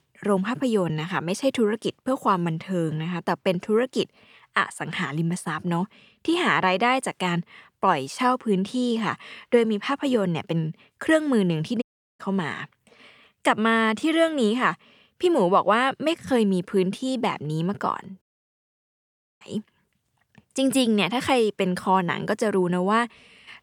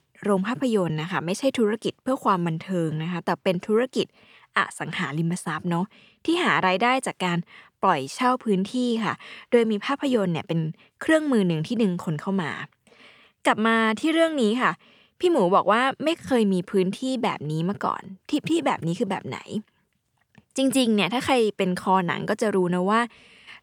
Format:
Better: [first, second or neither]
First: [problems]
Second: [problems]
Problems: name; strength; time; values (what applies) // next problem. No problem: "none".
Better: second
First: audio cutting out; at 12 s and at 18 s for 1 s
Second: none